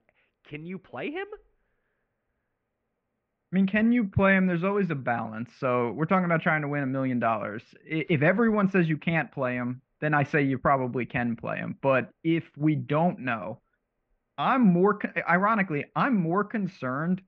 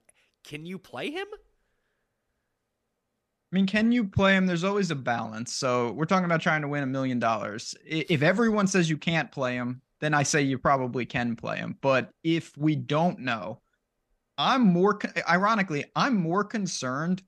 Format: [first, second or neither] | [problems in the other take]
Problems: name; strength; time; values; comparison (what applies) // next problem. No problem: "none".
second | muffled; very; fading above 2.5 kHz